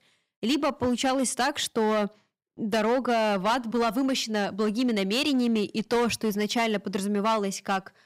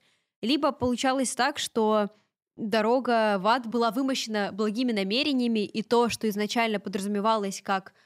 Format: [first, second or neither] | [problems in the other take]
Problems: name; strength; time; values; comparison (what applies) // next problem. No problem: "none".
second | distortion; slight; 11% of the sound clipped